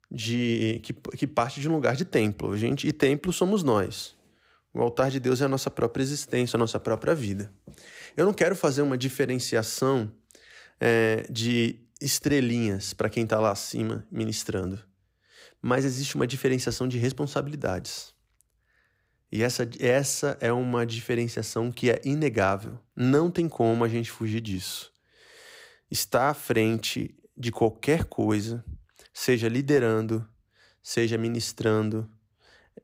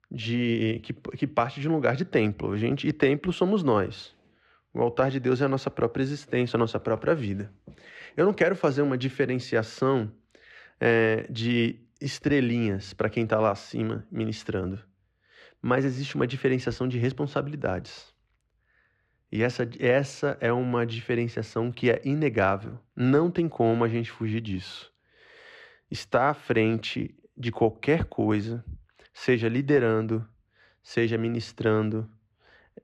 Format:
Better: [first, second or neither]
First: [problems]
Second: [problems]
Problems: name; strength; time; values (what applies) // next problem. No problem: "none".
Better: first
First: none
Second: muffled; slightly; fading above 2.5 kHz